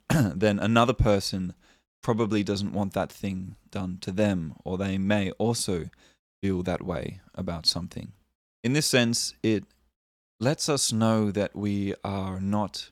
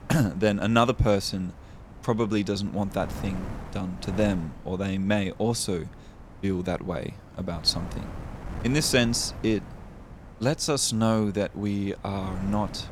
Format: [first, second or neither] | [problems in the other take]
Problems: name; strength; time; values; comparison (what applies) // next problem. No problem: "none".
first | wind noise on the microphone; occasional gusts; 15 dB below the speech